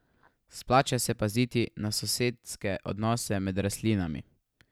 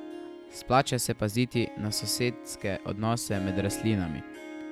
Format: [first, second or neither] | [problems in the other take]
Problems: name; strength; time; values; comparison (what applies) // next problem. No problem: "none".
first | background sound (Harp); 12 dB below the speech